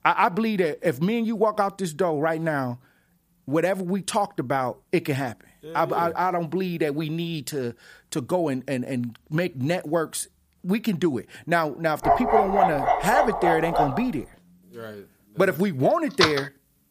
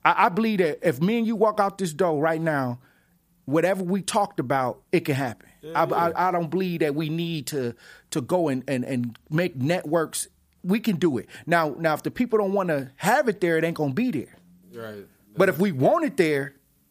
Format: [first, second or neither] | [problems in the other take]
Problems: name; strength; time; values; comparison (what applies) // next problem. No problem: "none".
second | dog barking; loud; from 12 to 14 s; peak 4 dB above the speech // door banging; loud; at 16 s; peak 2 dB above the speech